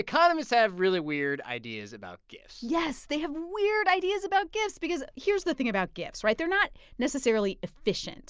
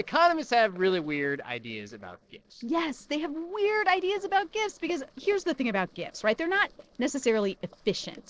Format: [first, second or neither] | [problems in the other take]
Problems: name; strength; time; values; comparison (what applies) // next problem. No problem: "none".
first | noise reduction (neural separator model SepFormer DNS4)